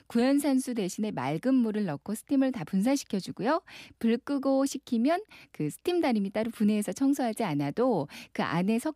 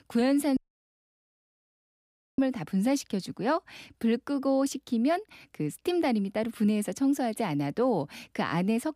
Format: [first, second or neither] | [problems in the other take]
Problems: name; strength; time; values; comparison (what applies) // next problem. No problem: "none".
first | audio cutting out; at 0.5 s for 2 s